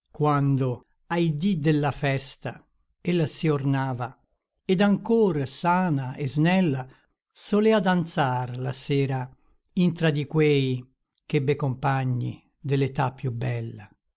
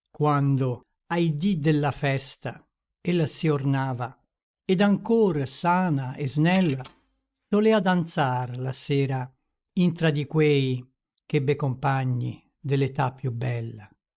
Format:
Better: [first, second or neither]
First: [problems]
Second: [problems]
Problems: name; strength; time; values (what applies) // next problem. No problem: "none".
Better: first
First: none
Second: noise reduction (neural mask model RNNoise)